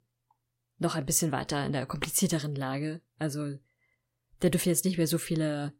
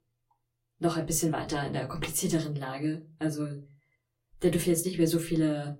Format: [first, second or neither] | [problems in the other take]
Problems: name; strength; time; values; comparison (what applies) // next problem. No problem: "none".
first | off-mic speech; somewhat distant // room echo; very slight; dies away in 0.2 s